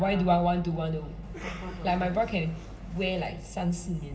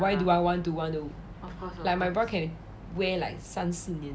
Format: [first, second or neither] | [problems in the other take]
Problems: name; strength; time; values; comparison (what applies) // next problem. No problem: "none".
second | background sound (Cough); 18 dB below the speech // room echo; dies away in 2.6 s